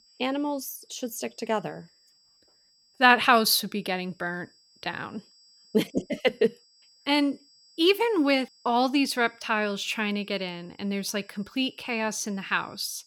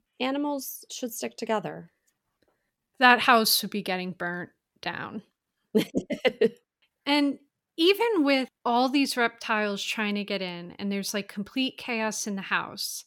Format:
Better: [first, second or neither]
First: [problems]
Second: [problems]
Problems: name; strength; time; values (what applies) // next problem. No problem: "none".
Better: second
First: high-pitched whine; faint; throughout; 5 kHz, 30 dB below the speech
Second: none